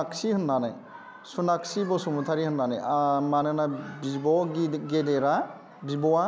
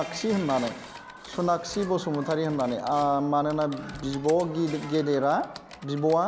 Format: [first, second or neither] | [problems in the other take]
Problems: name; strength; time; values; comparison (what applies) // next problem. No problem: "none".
first | background sound (Dishes, pots, and pans + Typing); 18 dB below the speech